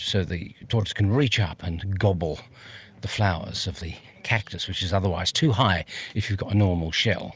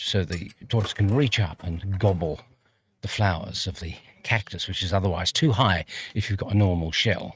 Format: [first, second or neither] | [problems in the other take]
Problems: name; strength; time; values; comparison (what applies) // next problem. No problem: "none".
first | noise reduction (neural mask model RNNoise)